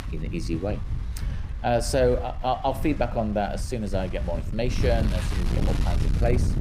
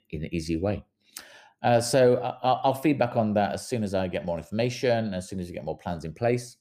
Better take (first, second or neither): second